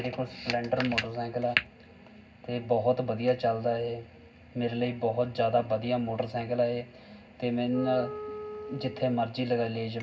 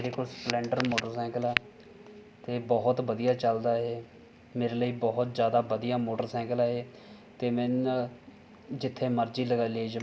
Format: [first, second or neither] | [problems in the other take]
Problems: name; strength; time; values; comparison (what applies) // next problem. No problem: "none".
second | background sound (Wind instrument, woodwind instrument); 12 dB below the speech // room echo; dies away in 0.4 s